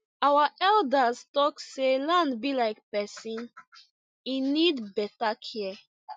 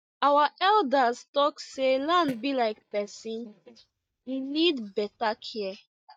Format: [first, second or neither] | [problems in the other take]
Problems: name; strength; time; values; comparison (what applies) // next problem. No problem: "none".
first | noise reduction (neural mask model DeepFilterNet 3)